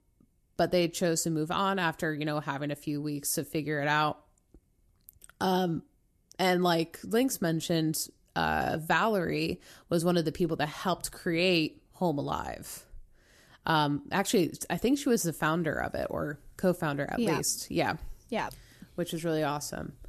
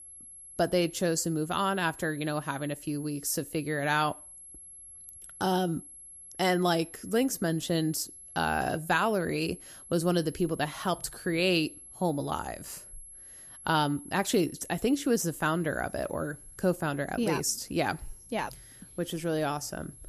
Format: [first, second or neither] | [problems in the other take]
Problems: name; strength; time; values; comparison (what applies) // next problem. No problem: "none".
first | high-pitched whine; noticeable; throughout; 11 kHz, 15 dB below the speech